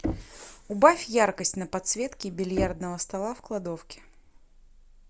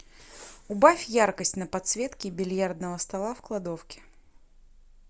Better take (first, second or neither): second